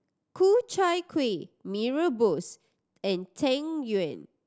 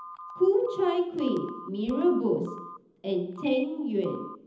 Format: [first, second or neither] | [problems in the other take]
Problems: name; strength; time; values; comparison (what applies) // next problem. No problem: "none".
first | background sound (Telephone); 17 dB below the speech // room echo; dies away in 0.8 s